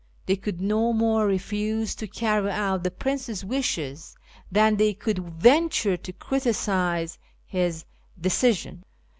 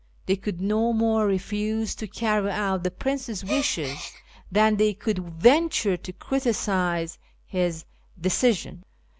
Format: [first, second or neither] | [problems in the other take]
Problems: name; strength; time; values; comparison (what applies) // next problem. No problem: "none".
first | background sound (Gasp); 10 dB below the speech